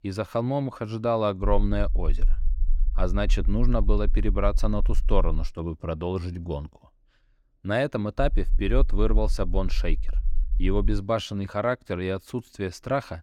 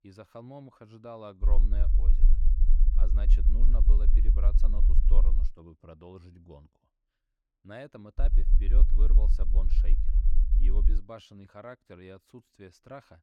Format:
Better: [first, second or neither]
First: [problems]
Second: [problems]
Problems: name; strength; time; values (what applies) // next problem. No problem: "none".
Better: first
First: low rumble; faint; from 1.5 to 5.5 s and from 8 to 11 s; 25 dB below the speech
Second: low rumble; loud; from 1.5 to 5.5 s and from 8 to 11 s; 4 dB below the speech